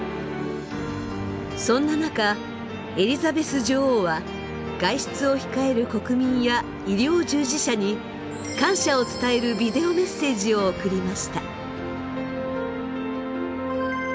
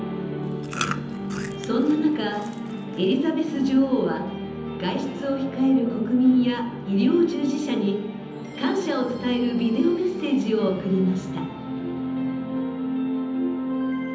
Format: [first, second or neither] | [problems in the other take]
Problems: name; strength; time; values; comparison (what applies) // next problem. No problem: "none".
first | background sound (Chewing, mastication); 13 dB below the speech // room echo; dies away in 0.9 s